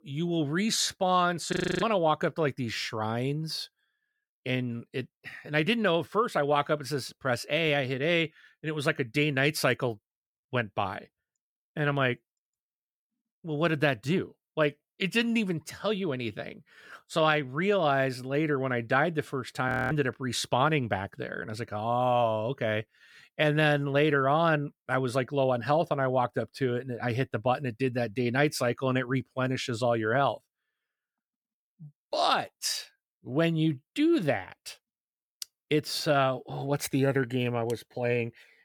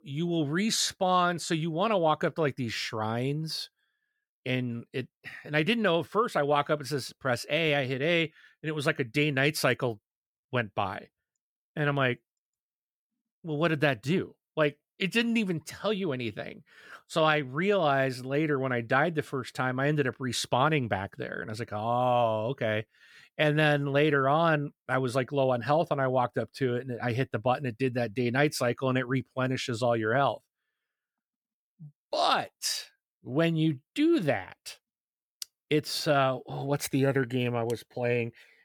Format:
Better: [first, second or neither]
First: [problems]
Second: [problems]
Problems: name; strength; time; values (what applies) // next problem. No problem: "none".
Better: second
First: audio freezing; at 1.5 s and at 20 s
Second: none